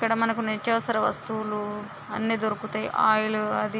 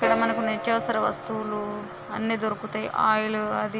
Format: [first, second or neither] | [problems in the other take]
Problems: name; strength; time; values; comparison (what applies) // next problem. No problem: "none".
first | background sound (Piano); 7 dB below the speech